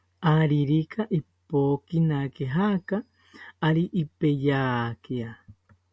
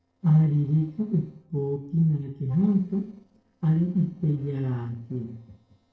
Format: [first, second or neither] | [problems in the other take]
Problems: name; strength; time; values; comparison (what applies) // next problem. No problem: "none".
first | noise reduction (neural separator model SepFormer DNS4)